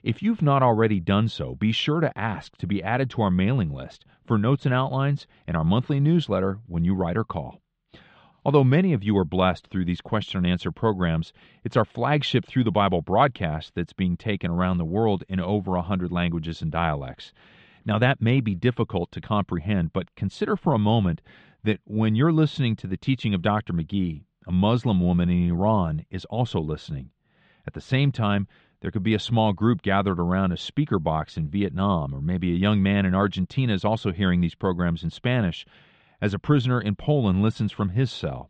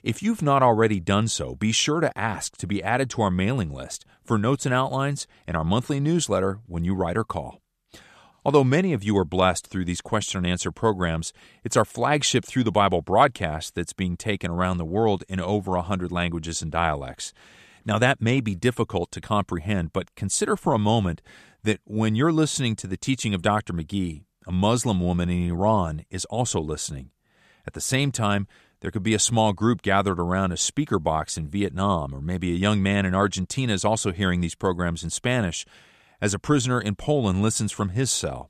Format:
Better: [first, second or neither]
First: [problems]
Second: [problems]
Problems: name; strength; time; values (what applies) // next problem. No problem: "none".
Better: second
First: muffled; very; fading above 3.5 kHz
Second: none